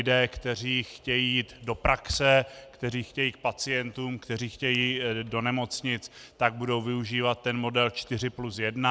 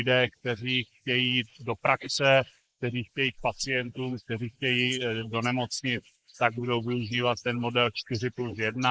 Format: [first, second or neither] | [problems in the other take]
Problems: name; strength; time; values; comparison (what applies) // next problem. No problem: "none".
first | noise reduction (neural mask model Resemble Enhance denoiser)